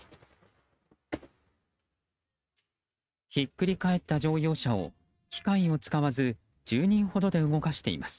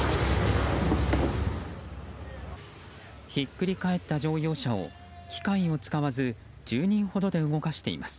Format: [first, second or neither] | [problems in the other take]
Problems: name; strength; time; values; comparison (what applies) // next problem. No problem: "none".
second | noise reduction (neural mask model RNNoise)